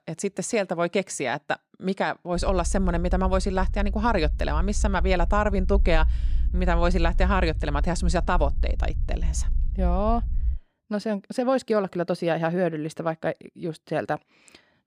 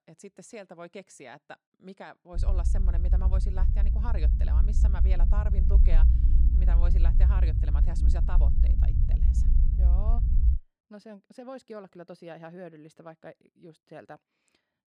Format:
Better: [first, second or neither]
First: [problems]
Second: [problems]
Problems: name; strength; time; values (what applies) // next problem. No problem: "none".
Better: first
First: low rumble; faint; from 2.5 to 11 s; 25 dB below the speech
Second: low rumble; loud; from 2.5 to 11 s; 1 dB below the speech